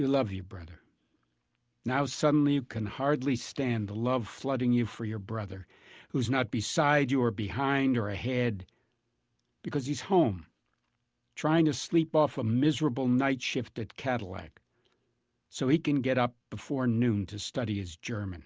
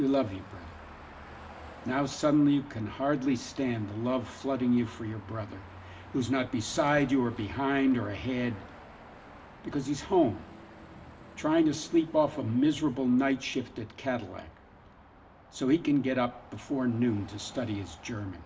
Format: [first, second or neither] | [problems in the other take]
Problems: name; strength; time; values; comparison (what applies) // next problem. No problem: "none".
first | background sound (Car passing by / Traffic noise, roadway noise / Engine); 19 dB below the speech // room echo; dies away in 0.6 s